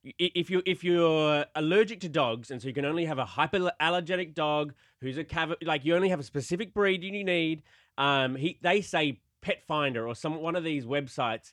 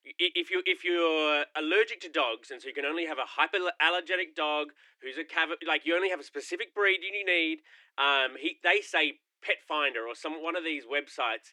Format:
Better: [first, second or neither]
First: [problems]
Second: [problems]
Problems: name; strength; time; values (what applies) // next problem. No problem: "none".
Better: first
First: none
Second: thin; very; fading below 300 Hz